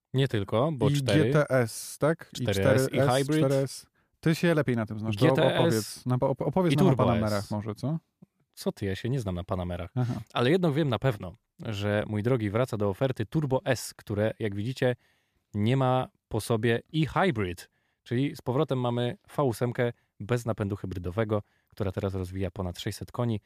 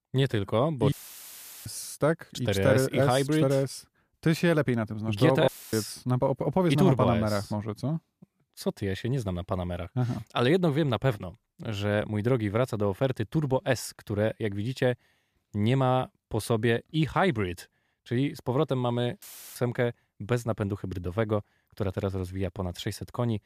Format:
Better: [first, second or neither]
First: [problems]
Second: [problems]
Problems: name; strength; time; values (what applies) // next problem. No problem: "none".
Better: first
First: none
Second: audio cutting out; filled with static; at 1 s for 0.5 s, at 5.5 s and at 19 s